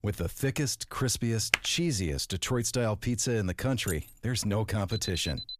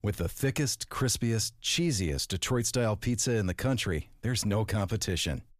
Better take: second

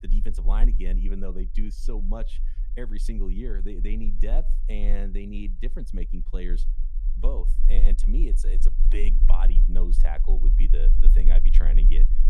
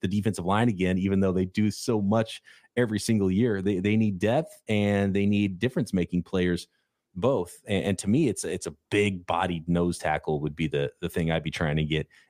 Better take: second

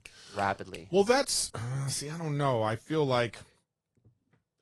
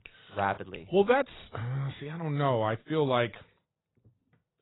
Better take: first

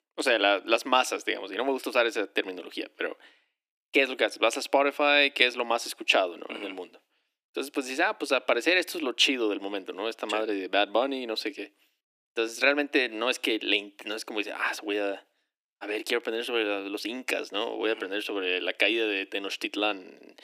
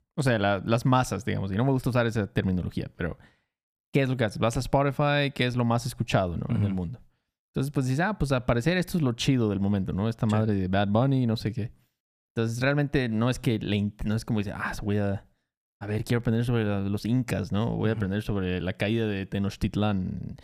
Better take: second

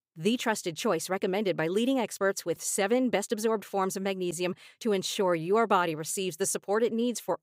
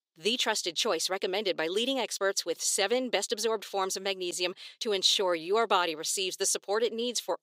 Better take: first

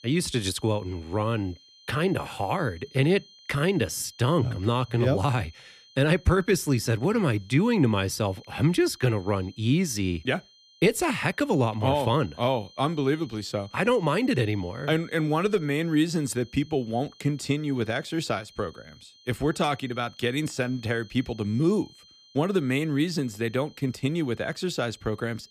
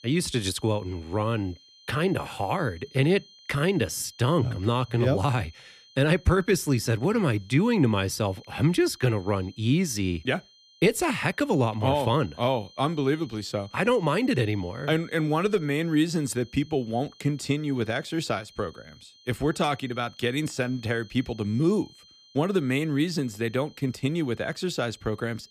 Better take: neither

